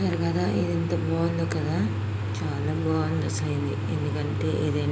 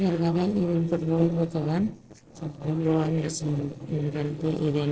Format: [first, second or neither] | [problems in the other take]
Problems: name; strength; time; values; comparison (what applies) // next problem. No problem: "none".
first | noise reduction (neural separator model SepFormer DNS4)